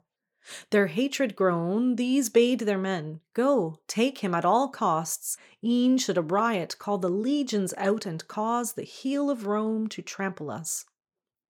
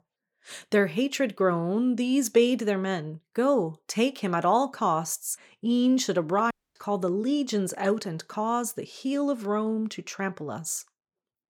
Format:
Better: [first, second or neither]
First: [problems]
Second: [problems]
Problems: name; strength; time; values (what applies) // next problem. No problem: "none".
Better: first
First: none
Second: audio cutting out; at 6.5 s